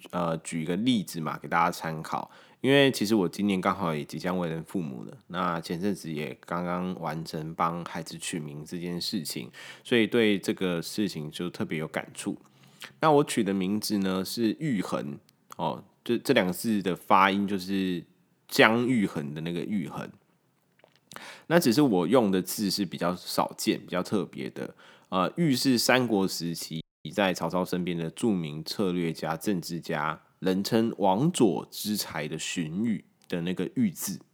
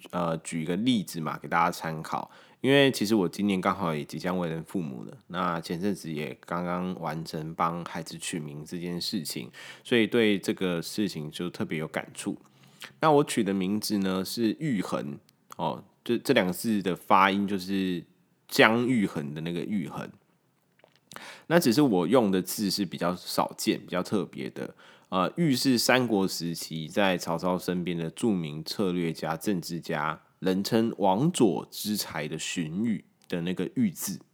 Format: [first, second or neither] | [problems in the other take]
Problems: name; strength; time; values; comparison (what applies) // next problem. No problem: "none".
second | audio freezing; at 27 s